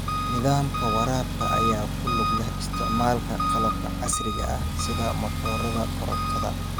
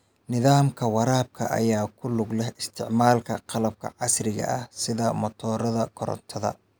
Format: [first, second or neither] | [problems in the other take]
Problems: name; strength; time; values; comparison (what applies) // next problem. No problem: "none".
second | background sound (Engine); 3 dB above the speech